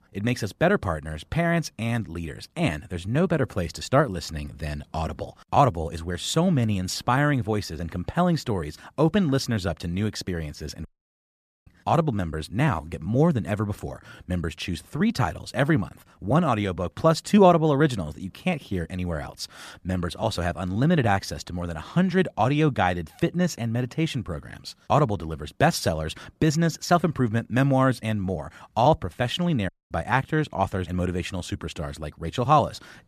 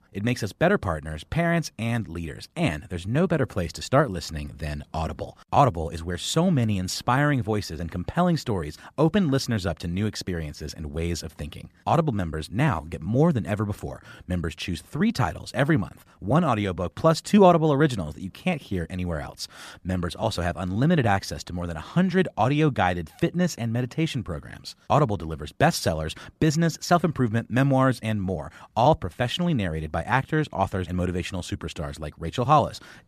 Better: second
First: audio cutting out; at 11 s for 1 s and at 30 s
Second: none

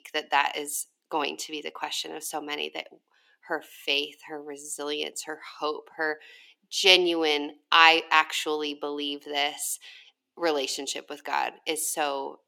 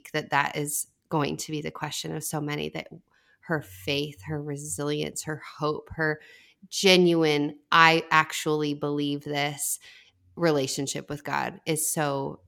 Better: second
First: thin; somewhat; fading below 300 Hz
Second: none

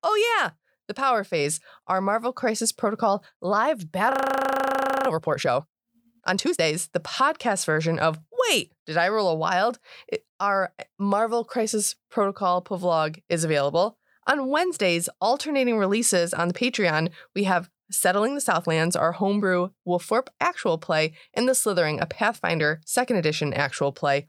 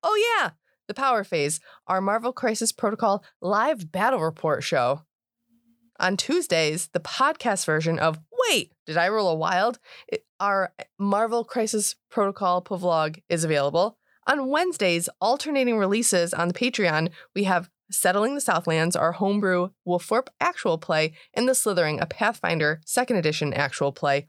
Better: second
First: audio freezing; at 4 s for 1 s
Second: none

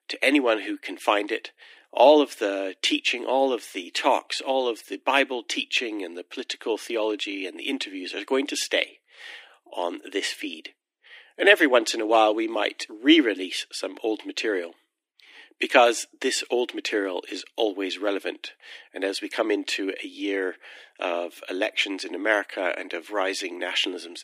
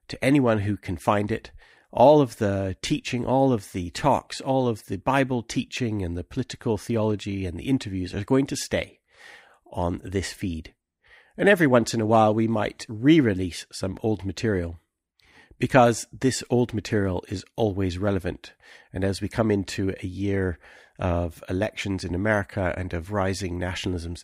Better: second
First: thin; somewhat; fading below 300 Hz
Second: none

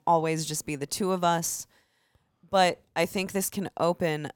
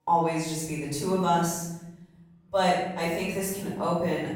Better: first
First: none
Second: off-mic speech; far // room echo; noticeable; dies away in 1.1 s

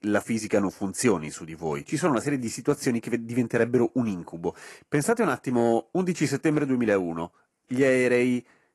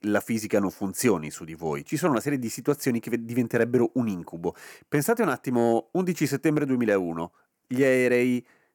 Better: second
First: garbled, watery; slightly; nothing above 11.5 kHz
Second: none

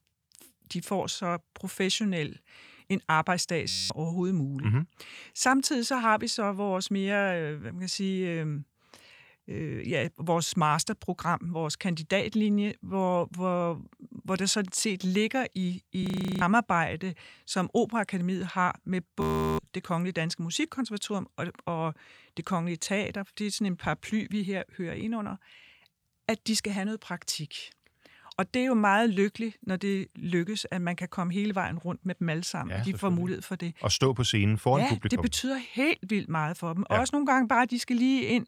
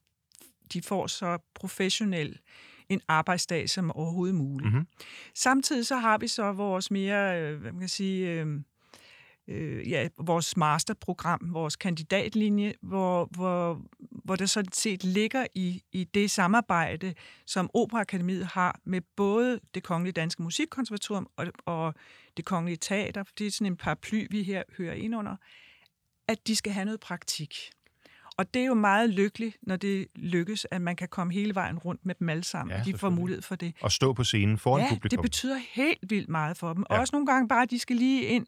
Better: second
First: audio freezing; at 3.5 s, at 16 s and at 19 s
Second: none

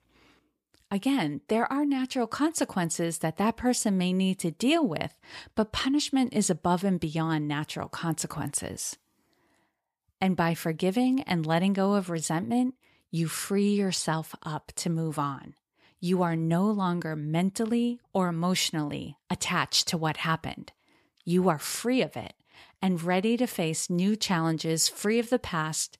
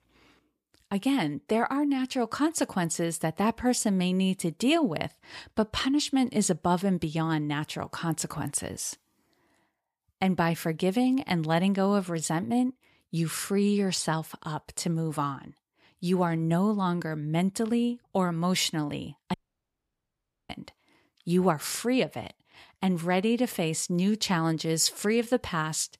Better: first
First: none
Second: audio cutting out; at 19 s for 1 s

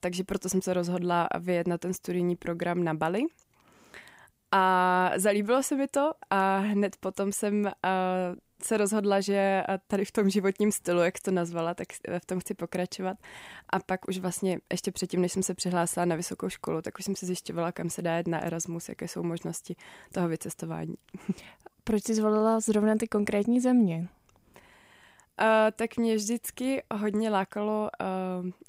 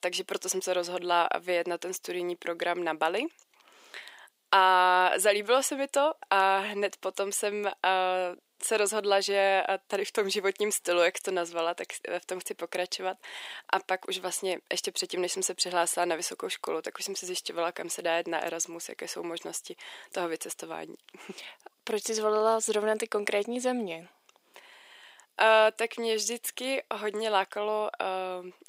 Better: first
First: none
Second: thin; very; fading below 400 Hz

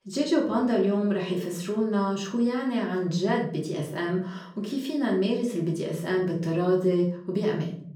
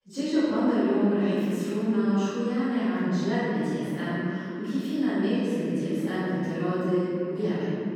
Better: first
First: room echo; slight; dies away in 0.5 s // off-mic speech; far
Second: room echo; strong; dies away in 2.9 s // off-mic speech; far

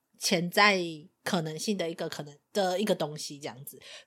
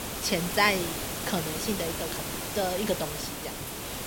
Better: first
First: none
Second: hiss; loud; throughout; 3 dB below the speech

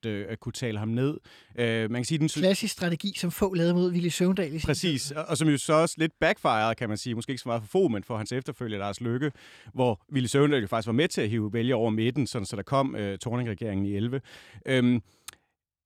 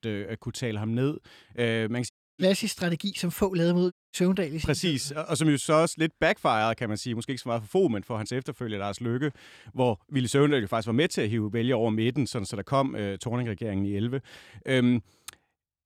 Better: first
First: none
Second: audio cutting out; at 2 s and at 4 s

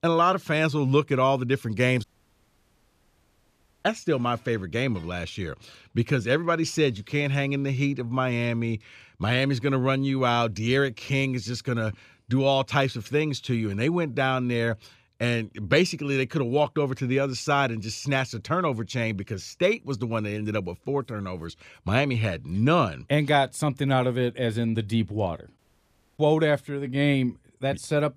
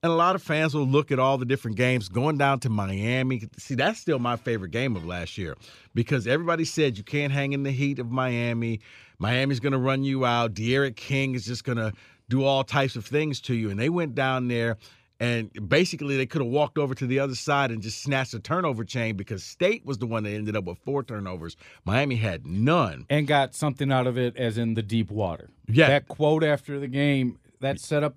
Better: second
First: audio cutting out; at 2 s for 2 s and at 26 s for 0.5 s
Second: none

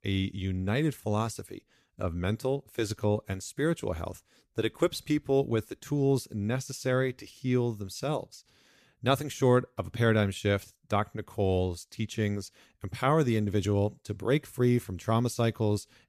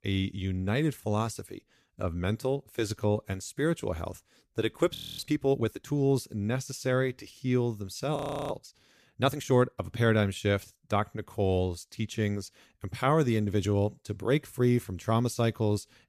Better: first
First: none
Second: audio freezing; at 5 s and at 8 s

